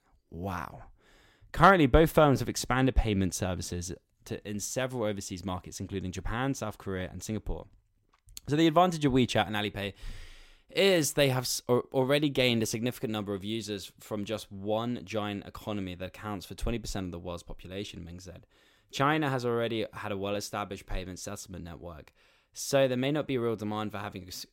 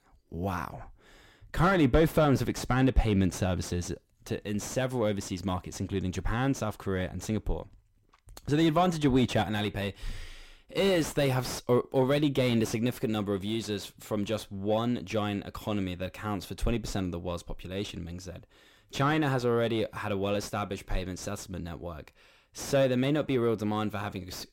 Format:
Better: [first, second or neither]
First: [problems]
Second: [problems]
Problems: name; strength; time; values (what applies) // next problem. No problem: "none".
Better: first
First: none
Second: distortion; heavy; 7 dB below the speech